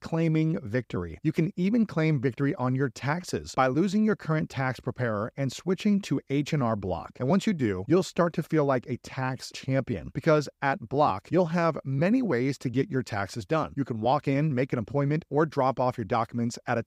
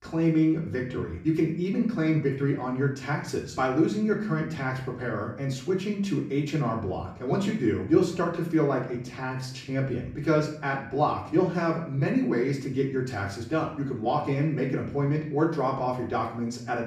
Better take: first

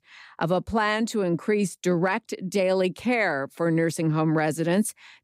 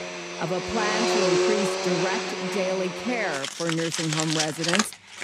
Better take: first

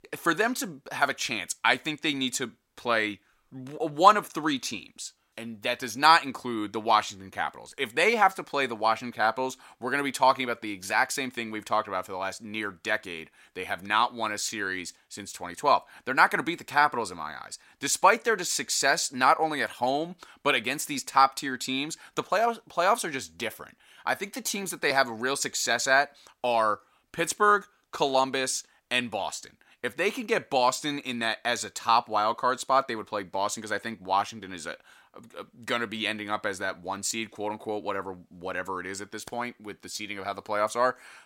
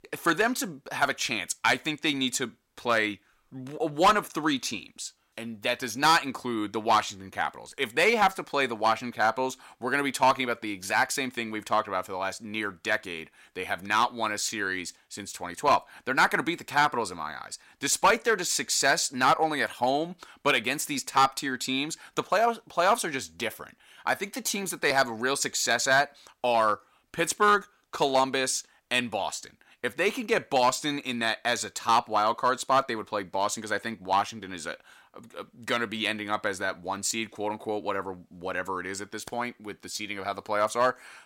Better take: first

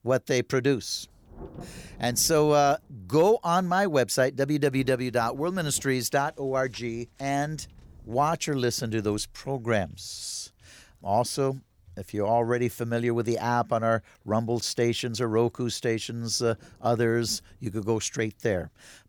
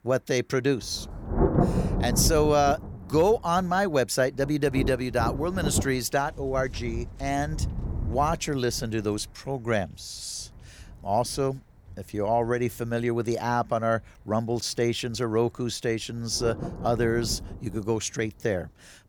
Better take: first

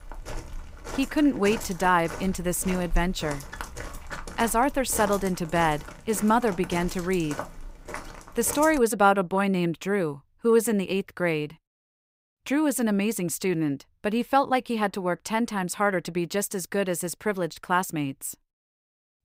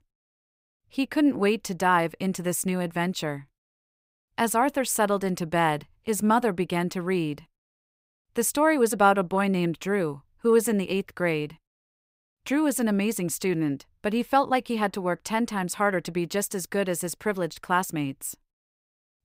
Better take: second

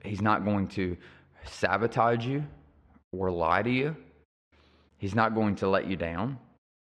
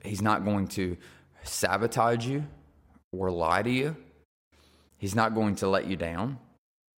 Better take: second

